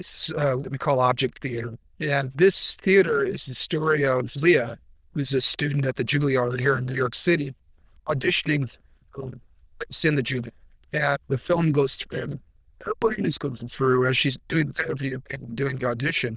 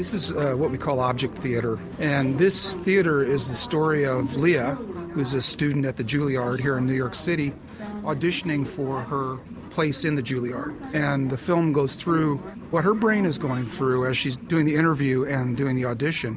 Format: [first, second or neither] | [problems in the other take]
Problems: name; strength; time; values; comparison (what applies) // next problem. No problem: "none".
second | noise reduction (neural diffusion model UNIVERSE++)